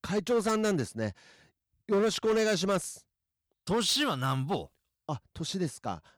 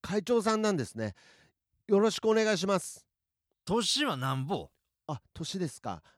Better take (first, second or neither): second